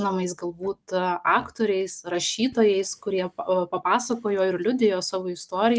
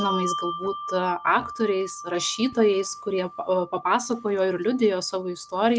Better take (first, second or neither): first